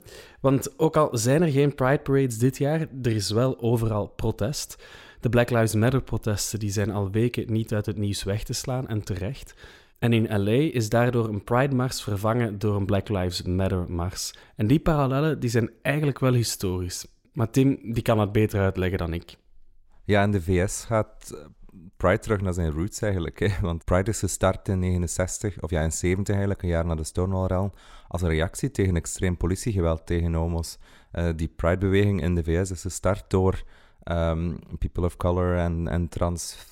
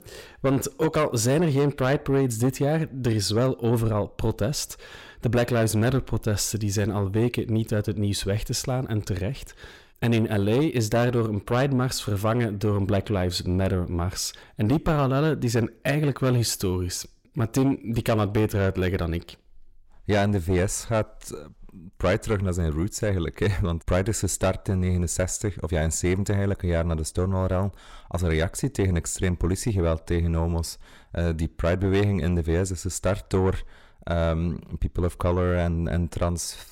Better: first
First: none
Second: distortion; slight; 10 dB below the speech

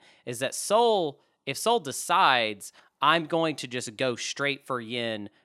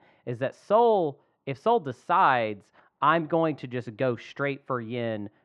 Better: first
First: none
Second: muffled; very; fading above 1.5 kHz

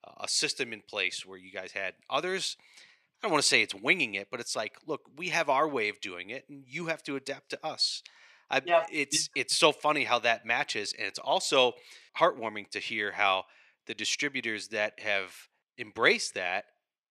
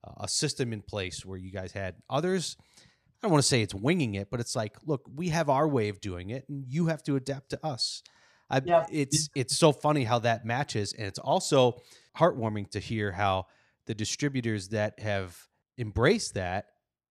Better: second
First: thin; somewhat; fading below 350 Hz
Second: none

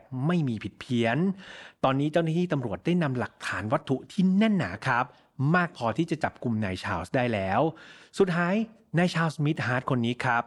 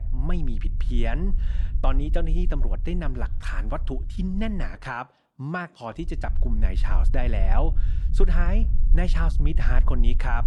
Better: first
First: none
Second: low rumble; noticeable; until 4.5 s and from 6 s on; 15 dB below the speech

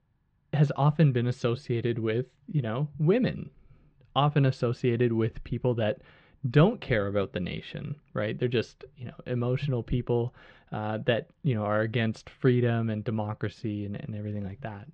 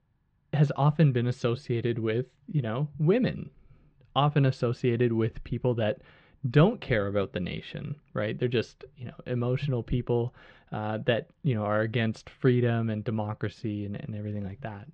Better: neither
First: muffled; slightly; fading above 3.5 kHz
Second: muffled; slightly; fading above 3.5 kHz

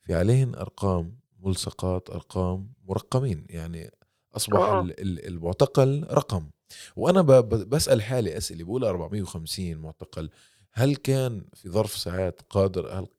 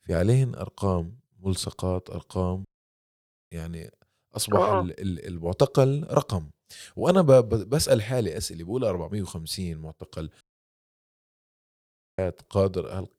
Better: first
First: none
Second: audio cutting out; at 2.5 s for 1 s and at 10 s for 2 s

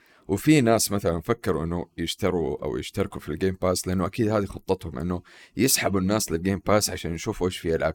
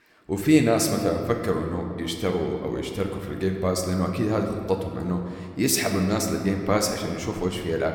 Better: first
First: none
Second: room echo; slight; dies away in 1.7 s

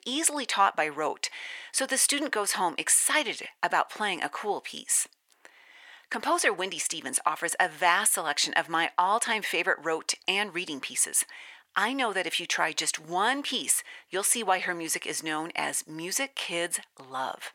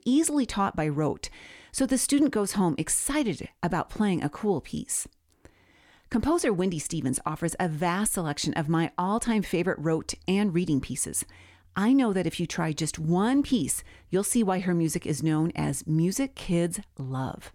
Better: second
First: thin; very; fading below 750 Hz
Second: none

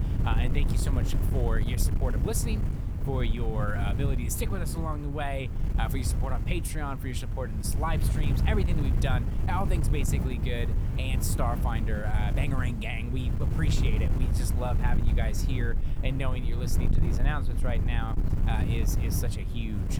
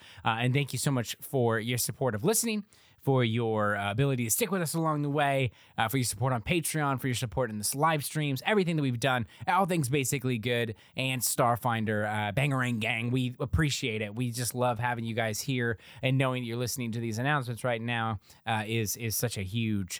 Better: second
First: wind noise on the microphone; heavy; 6 dB below the speech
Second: none

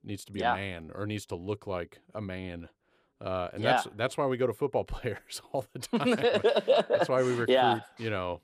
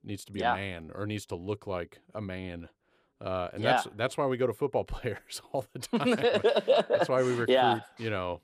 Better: neither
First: none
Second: none

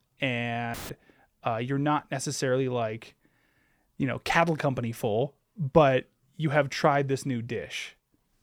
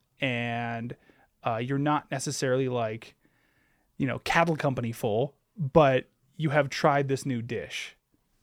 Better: second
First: audio cutting out; filled with static; at 0.5 s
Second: none

